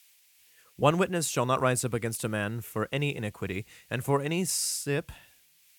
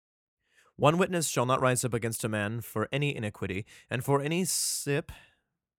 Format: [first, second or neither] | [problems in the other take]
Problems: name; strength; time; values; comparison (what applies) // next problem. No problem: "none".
second | hiss; faint; throughout; 30 dB below the speech